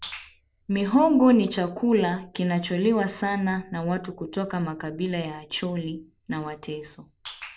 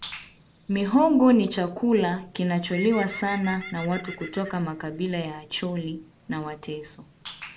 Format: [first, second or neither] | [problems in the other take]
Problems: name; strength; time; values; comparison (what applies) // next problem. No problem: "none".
first | background sound (Bird); 19 dB below the speech